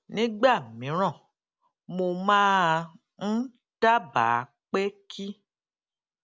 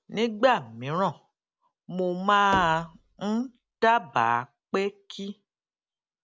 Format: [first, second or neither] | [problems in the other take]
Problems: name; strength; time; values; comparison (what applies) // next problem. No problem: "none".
first | background sound (Knock / Wood); 16 dB below the speech